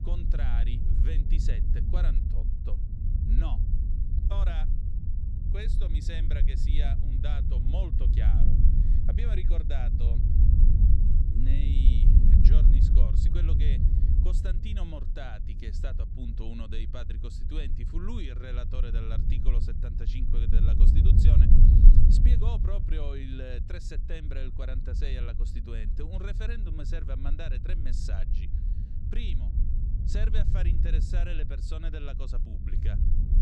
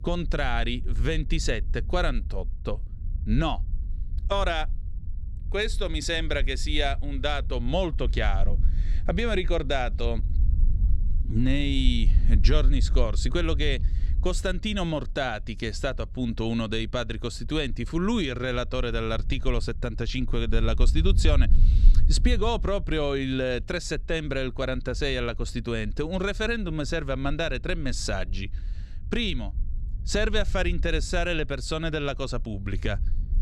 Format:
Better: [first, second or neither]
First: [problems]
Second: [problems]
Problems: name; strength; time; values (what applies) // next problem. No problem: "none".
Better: second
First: low rumble; loud; throughout; 1 dB below the speech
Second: low rumble; faint; throughout; 20 dB below the speech